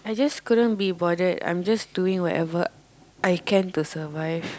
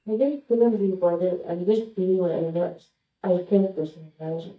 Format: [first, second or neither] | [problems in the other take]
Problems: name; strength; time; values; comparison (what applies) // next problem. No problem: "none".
first | noise reduction (neural mask model DeepFilterNet 3)